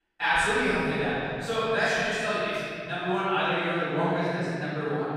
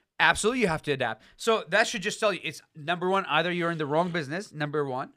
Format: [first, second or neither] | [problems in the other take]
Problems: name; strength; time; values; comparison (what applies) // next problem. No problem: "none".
second | off-mic speech; far // room echo; strong; dies away in 2.9 s